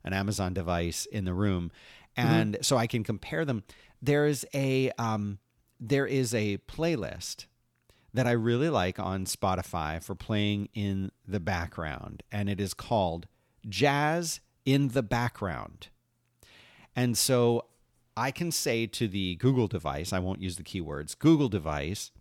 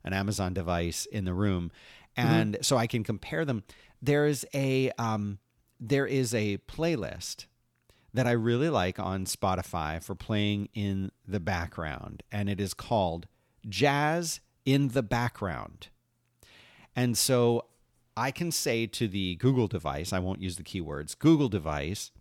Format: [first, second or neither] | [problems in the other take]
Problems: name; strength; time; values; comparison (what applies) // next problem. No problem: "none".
neither | none